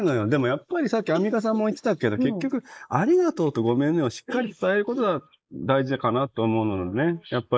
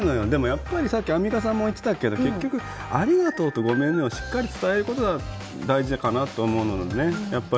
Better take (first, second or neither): second